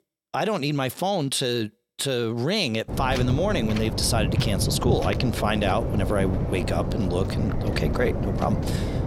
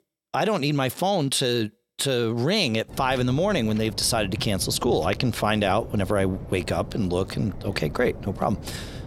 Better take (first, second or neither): second